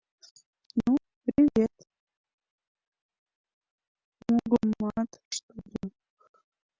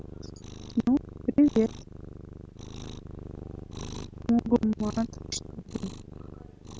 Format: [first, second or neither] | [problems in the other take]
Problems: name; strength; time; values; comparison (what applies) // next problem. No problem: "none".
first | background sound (Cat); 11 dB below the speech